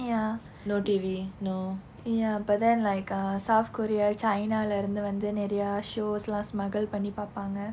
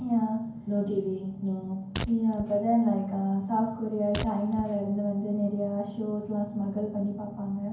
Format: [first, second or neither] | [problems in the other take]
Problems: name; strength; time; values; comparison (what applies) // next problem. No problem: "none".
first | background sound (Fart); 11 dB below the speech // room echo; dies away in 0.9 s